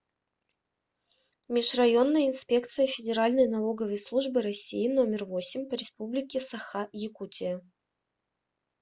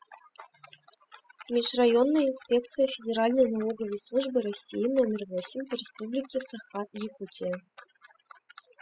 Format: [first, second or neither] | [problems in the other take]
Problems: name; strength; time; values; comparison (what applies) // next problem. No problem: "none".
first | noise reduction (classical method spectral subtraction)